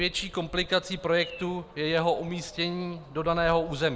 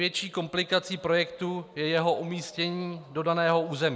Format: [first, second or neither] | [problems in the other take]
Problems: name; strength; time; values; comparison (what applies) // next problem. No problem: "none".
second | background sound (Bird vocalization, bird call, bird song); 17 dB below the speech